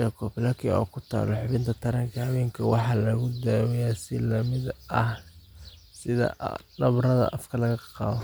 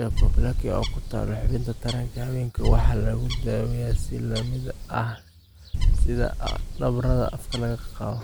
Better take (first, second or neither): first